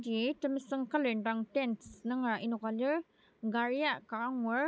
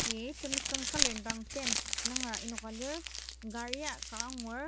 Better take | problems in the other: first | background sound (Crumpling, crinkling); 4 dB above the speech

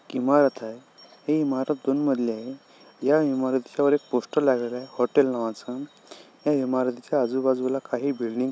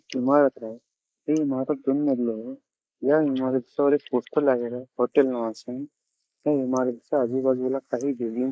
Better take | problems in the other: first | noise reduction (neural mask model Resemble Enhance denoiser)

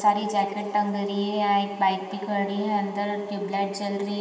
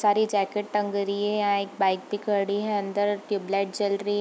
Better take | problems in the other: second | room echo; dies away in 2.5 s

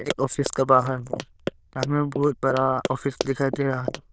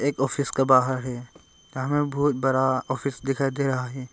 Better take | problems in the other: second | noise reduction (neural diffusion model UNIVERSE++)

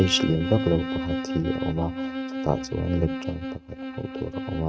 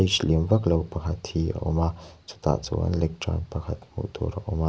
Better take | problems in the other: second | noise reduction (neural mask model RNNoise)

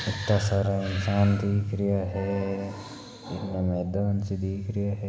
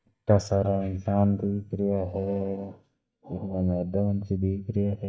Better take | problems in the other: first | noise reduction (neural mask model DeepFilterNet 3)

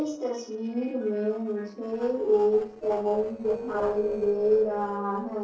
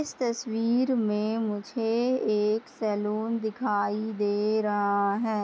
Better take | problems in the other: second | noise reduction (neural separator model SepFormer DNS4)

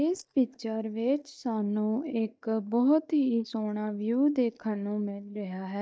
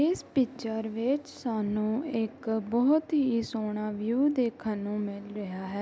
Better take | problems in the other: second | noise reduction (neural mask model DeepFilterNet 3)

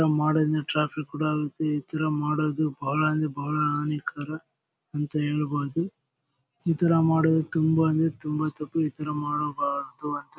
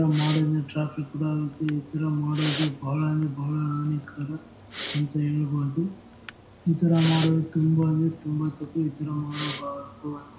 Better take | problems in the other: first | background sound (Respiratory sounds); 15 dB below the speech // room echo; dies away in 0.5 s

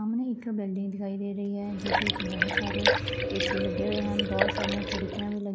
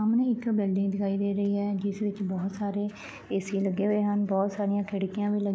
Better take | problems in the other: second | background sound (Liquid); 3 dB above the speech

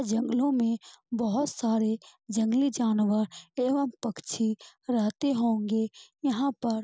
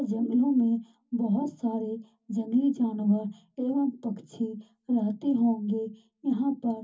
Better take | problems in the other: first | room echo; dies away in 0.3 s

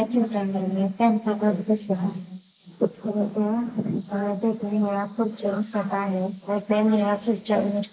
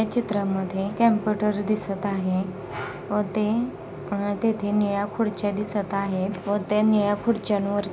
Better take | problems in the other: second | noise reduction (neural mask model Resemble Enhance denoiser)

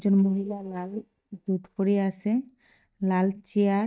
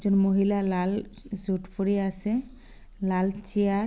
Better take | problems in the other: second | noise reduction (neural mask model DeepFilterNet 3)

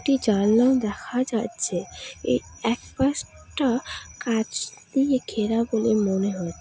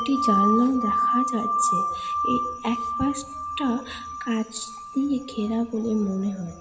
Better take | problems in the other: first | background sound (Wind chime); 1 dB below the speech // room echo; dies away in 1 s

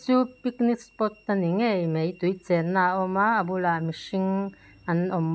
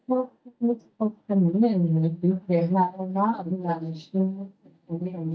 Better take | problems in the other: first | noise reduction (neural mask model DeepFilterNet 3)

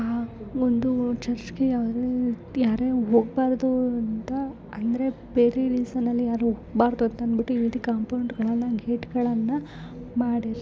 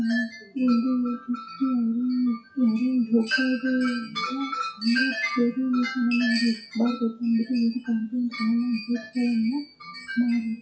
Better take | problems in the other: first | noise reduction (classical method WPE with log-MMSE)

